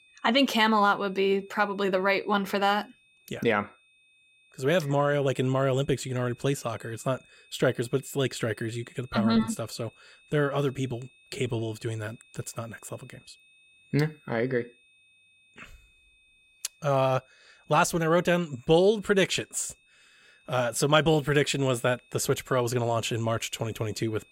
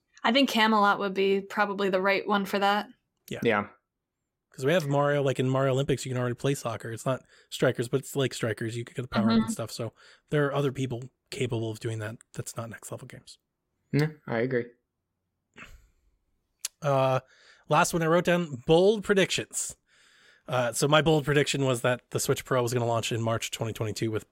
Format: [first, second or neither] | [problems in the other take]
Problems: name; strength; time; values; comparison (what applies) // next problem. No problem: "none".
second | high-pitched whine; faint; throughout; 2.5 kHz, 30 dB below the speech